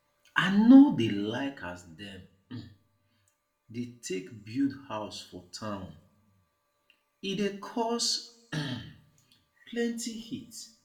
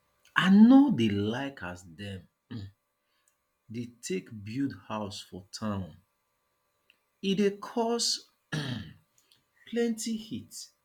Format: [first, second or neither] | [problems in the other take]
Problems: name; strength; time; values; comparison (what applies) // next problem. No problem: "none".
second | room echo; dies away in 0.4 s